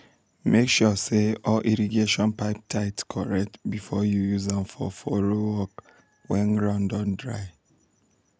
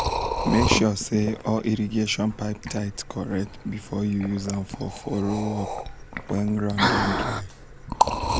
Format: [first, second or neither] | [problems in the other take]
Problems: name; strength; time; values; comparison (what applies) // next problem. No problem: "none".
first | background sound (Liquid); 2 dB below the speech